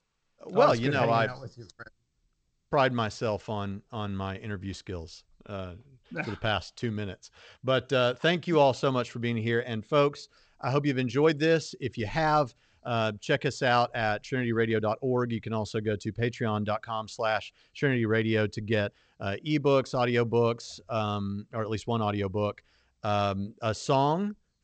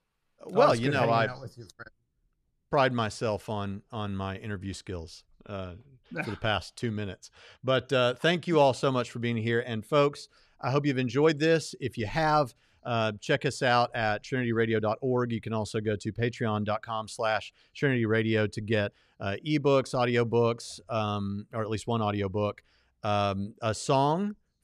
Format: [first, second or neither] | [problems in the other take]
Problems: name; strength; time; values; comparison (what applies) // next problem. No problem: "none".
second | garbled, watery; slightly; nothing above 8 kHz